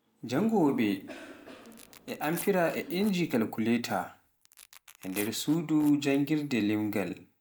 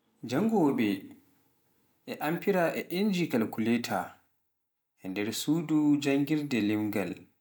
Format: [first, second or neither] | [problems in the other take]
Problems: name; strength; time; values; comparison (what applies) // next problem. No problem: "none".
second | background sound (Cough + Tearing); 18 dB below the speech